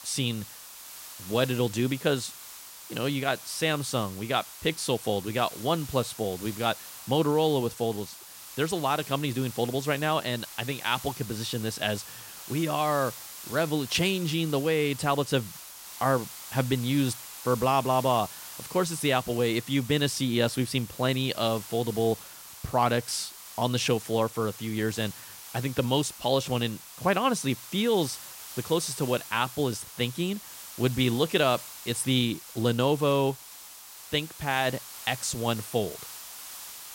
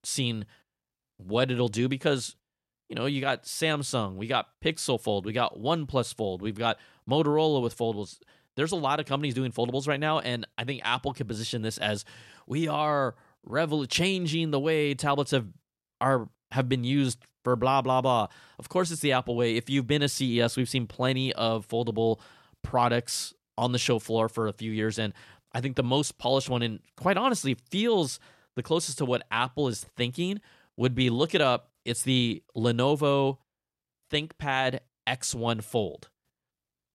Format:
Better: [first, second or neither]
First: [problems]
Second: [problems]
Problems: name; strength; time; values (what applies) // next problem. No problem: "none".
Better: second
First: hiss; noticeable; throughout; 15 dB below the speech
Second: none